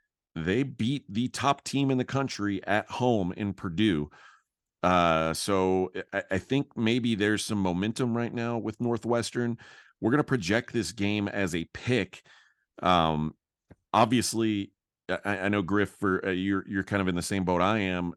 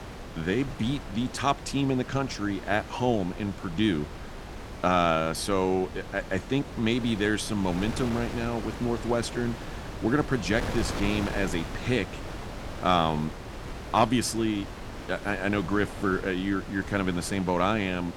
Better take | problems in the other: first | wind noise on the microphone; occasional gusts; 10 dB below the speech

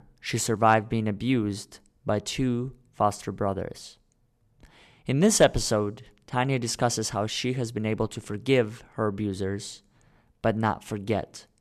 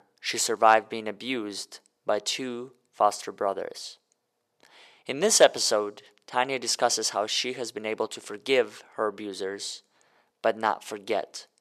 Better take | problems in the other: first | thin; somewhat; fading below 500 Hz

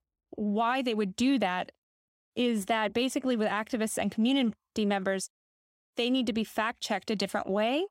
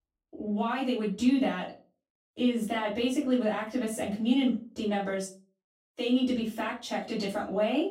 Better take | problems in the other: first | room echo; slight; dies away in 0.3 s // off-mic speech; far

